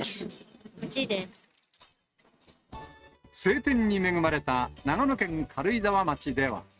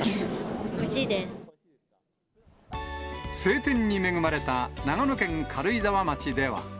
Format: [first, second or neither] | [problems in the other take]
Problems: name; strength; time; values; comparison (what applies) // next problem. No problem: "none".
second | noise reduction (neural mask model RNNoise)